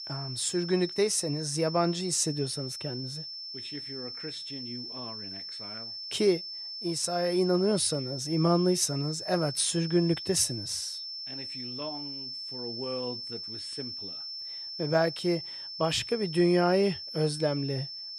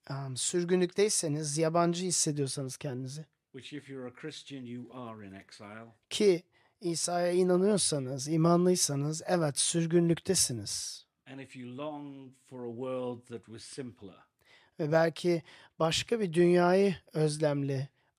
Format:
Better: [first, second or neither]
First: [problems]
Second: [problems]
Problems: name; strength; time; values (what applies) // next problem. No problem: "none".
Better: second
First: high-pitched whine; loud; throughout; 5.5 kHz, 8 dB below the speech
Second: none